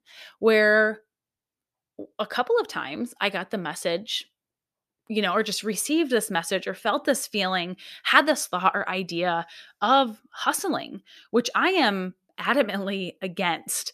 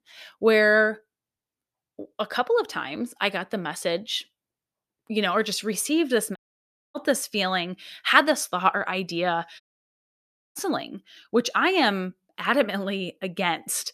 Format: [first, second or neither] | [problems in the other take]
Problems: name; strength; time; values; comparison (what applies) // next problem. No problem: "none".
first | audio cutting out; at 6.5 s for 0.5 s and at 9.5 s for 1 s